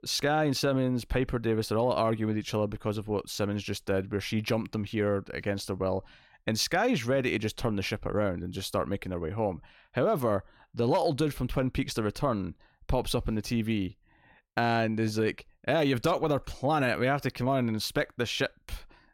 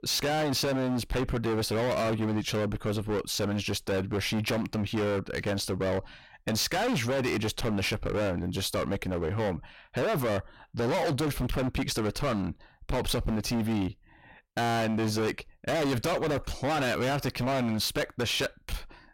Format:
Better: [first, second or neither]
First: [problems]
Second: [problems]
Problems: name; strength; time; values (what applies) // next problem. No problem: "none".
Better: first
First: none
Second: distortion; heavy; 29% of the sound clipped